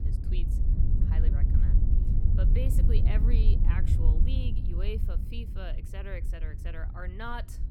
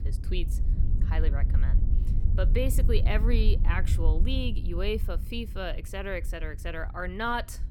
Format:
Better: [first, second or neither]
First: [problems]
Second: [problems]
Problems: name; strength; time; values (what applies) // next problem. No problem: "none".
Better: second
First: wind noise on the microphone; heavy; 2 dB below the speech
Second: wind noise on the microphone; occasional gusts; 10 dB below the speech